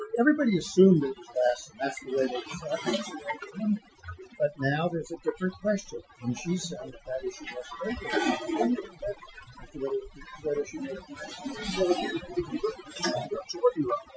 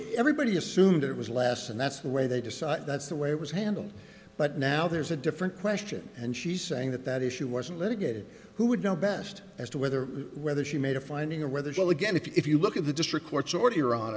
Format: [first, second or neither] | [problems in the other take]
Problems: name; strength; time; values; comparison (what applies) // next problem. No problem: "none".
second | noise reduction (classical method Wiener filter)